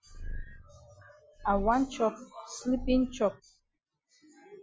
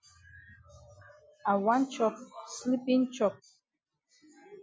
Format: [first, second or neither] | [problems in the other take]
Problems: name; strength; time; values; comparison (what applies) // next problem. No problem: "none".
second | background sound (Purr); 9 dB below the speech